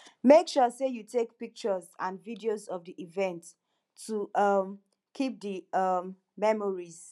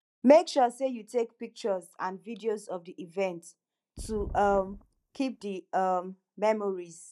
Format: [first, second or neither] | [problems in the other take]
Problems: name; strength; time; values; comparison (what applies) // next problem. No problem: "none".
first | noise reduction (neural mask model DeepFilterNet 3)